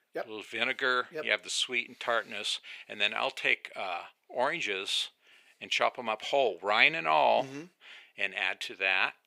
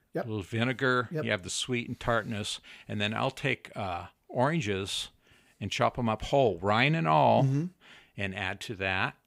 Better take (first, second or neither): second